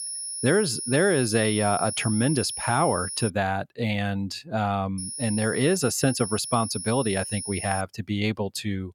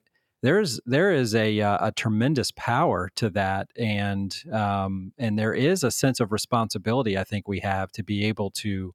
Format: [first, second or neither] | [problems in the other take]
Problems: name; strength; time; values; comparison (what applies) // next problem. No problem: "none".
second | high-pitched whine; loud; until 3.5 s and from 5 to 8 s; 10.5 kHz, 6 dB below the speech